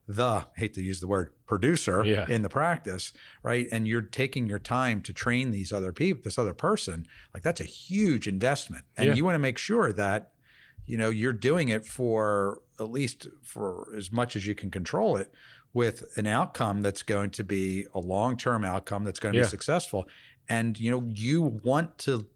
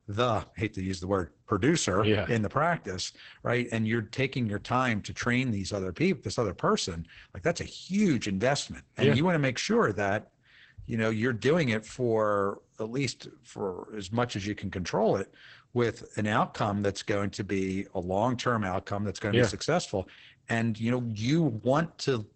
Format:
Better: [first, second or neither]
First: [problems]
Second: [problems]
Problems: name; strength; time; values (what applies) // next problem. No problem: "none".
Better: first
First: garbled, watery; slightly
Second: garbled, watery; badly; nothing above 8 kHz